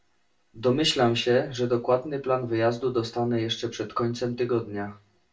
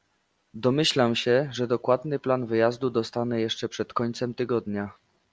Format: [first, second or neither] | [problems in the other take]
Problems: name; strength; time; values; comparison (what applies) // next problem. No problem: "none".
second | room echo; dies away in 0.2 s